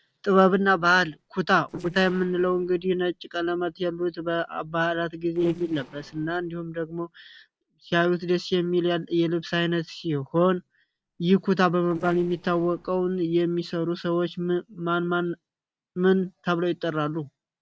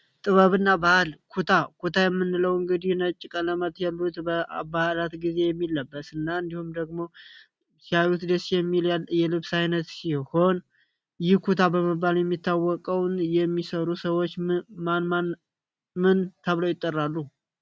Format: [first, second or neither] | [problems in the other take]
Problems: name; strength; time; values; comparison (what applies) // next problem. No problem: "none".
second | noise reduction (neural separator model SepFormer DNS4)